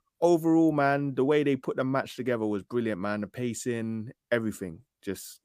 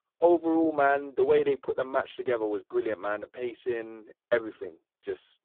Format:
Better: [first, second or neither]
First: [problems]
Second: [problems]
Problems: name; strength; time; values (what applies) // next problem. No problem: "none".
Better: first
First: none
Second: phone-call audio; poor line